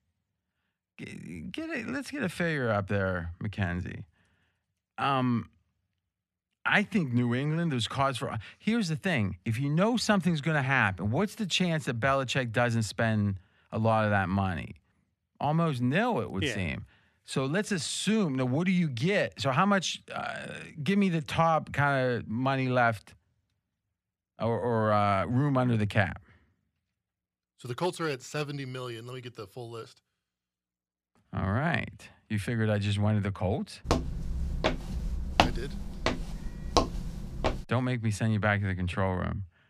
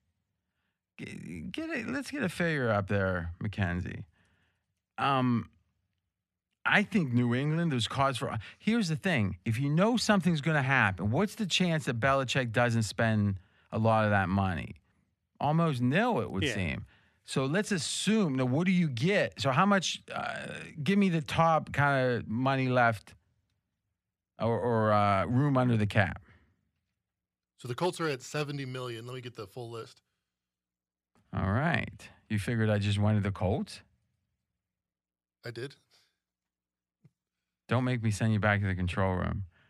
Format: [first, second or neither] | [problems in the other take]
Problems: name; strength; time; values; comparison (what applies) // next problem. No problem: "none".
second | footsteps; loud; from 34 to 38 s; peak 2 dB above the speech